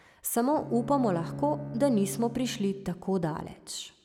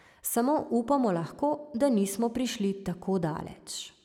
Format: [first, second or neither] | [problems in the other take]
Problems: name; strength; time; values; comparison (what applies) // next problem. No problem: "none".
second | background sound (Bowed string instrument); 12 dB below the speech